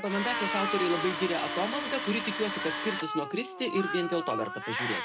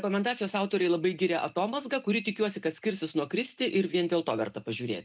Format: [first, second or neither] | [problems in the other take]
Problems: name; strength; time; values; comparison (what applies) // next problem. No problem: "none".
second | background sound (Tools + Cat); 2 dB below the speech